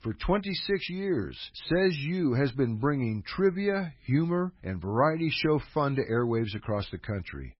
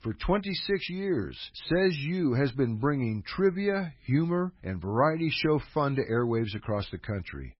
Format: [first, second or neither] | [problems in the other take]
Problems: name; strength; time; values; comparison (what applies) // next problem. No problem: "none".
neither | garbled, watery; badly; nothing above 5.5 kHz; the same in both